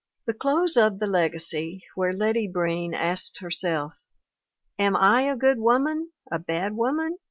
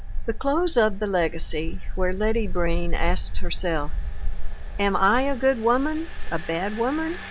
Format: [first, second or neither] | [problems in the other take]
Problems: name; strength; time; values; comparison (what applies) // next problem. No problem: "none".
first | background sound (Engine); 2 dB above the speech